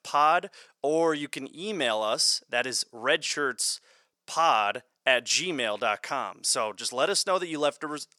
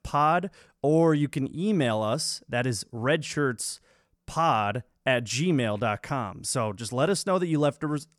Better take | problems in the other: second | thin; somewhat; fading below 450 Hz

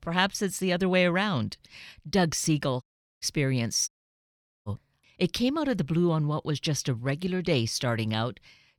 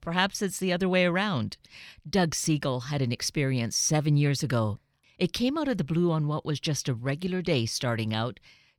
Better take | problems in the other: second | audio cutting out; at 3 s and at 4 s for 1 s

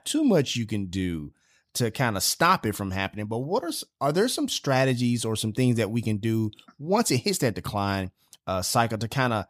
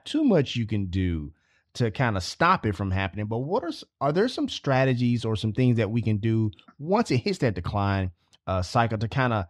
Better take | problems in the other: first | muffled; slightly; fading above 3.5 kHz

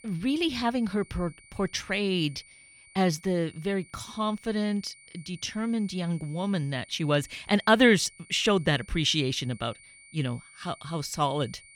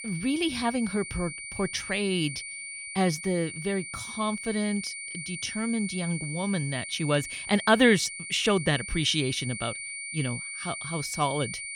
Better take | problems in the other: first | high-pitched whine; loud; throughout; 2 kHz, 8 dB below the speech; faint in the first

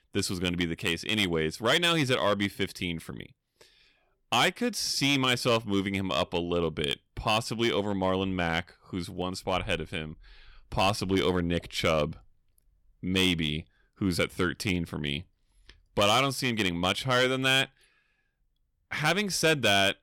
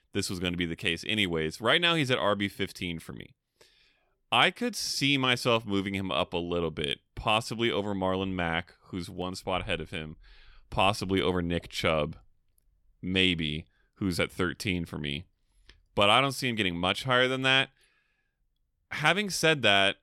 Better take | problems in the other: second | distortion; slight; 2% of the sound clipped

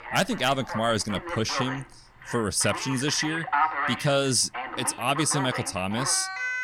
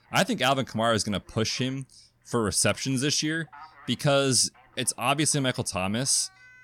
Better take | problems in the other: second | alarms or sirens; loud; throughout; 6 dB below the speech; faint in the second

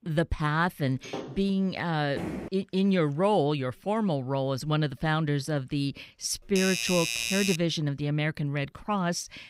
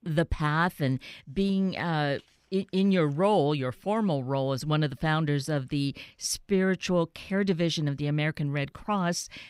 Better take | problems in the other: second | door banging; faint; at 1 s; peak 10 dB below the speech // footsteps; noticeable; at 2 s; peak 7 dB below the speech // doorbell; loud; from 6.5 to 7.5 s; peak level with the speech

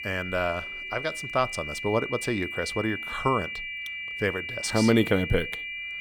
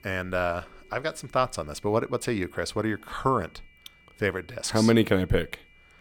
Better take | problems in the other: second | high-pitched whine; loud; throughout; 2.5 kHz, 5 dB below the speech; faint in the second

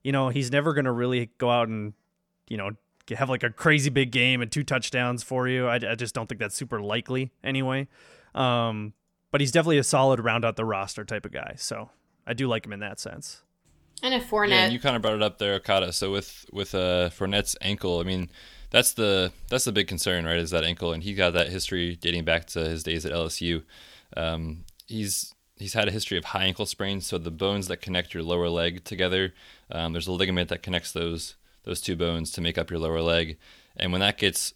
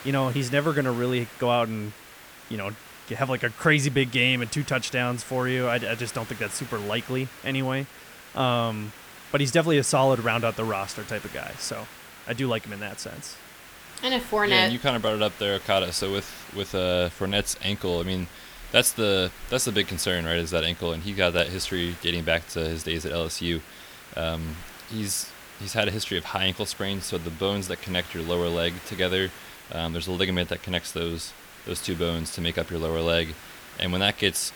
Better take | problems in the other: first | hiss; noticeable; throughout; 15 dB below the speech

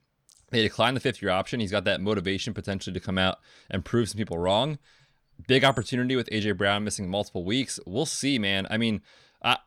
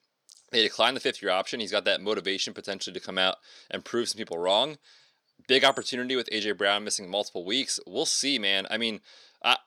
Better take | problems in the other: first | thin; somewhat; fading below 400 Hz

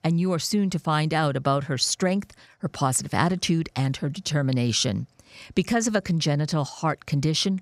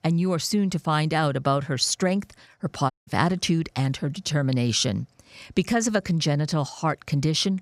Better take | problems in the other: first | audio cutting out; at 3 s

